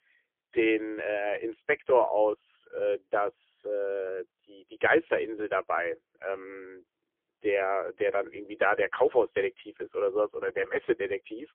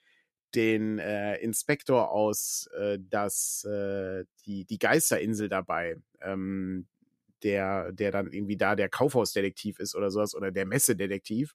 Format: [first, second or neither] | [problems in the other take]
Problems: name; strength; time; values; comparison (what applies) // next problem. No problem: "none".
second | phone-call audio; poor line; nothing above 3 kHz